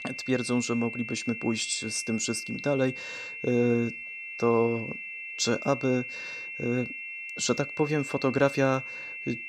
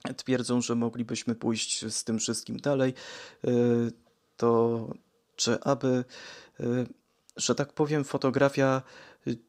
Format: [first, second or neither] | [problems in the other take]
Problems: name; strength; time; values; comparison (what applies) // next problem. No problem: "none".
second | high-pitched whine; loud; throughout; 2.5 kHz, 8 dB below the speech